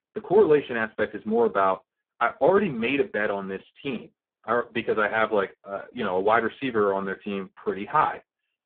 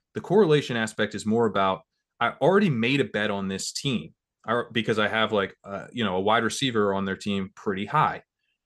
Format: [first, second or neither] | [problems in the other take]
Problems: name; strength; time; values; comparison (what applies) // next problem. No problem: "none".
second | phone-call audio; poor line